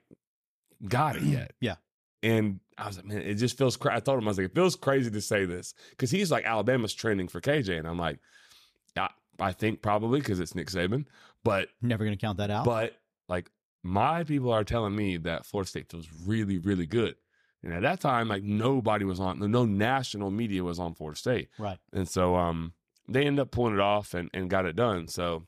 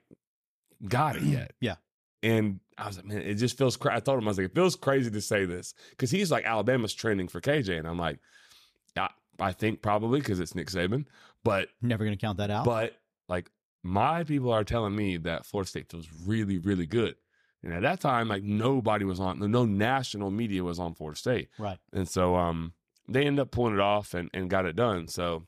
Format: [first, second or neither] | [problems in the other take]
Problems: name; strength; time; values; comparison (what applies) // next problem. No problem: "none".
neither | none